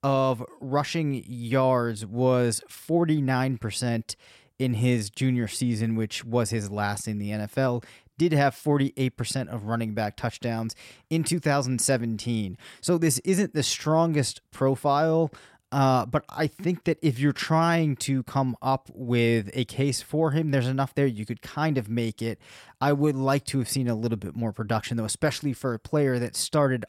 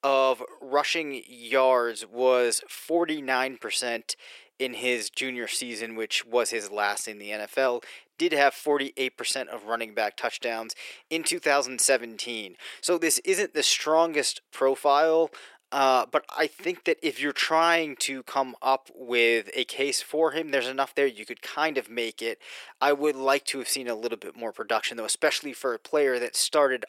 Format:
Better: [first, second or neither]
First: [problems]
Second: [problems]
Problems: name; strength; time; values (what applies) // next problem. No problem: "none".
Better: first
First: none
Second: thin; very; fading below 400 Hz